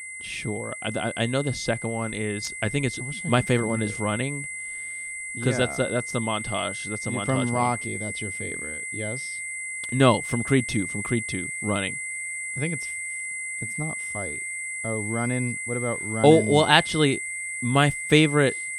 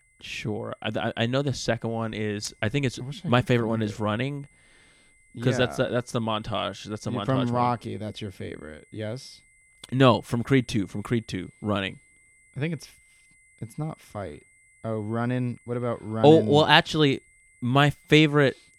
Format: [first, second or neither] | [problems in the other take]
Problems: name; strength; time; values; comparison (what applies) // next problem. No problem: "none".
second | high-pitched whine; loud; throughout; 2 kHz, 6 dB below the speech; faint in the second